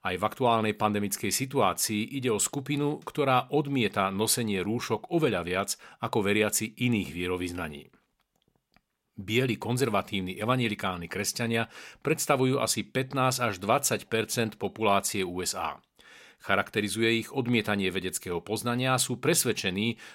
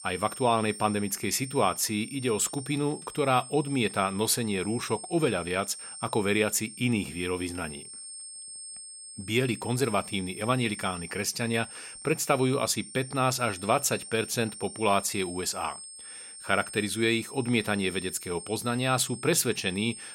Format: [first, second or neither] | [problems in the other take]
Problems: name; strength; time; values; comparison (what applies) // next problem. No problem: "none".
first | high-pitched whine; noticeable; throughout; 8.5 kHz, 10 dB below the speech